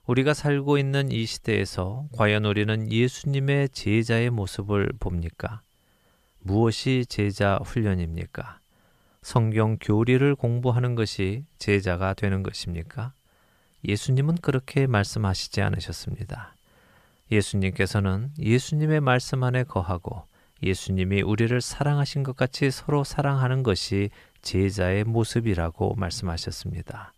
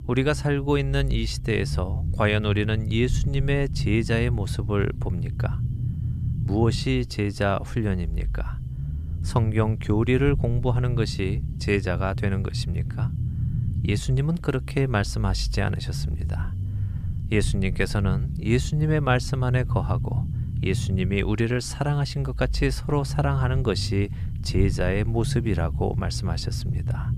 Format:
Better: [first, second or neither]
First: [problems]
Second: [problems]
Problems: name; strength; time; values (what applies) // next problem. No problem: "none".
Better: first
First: none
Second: low rumble; noticeable; throughout; 15 dB below the speech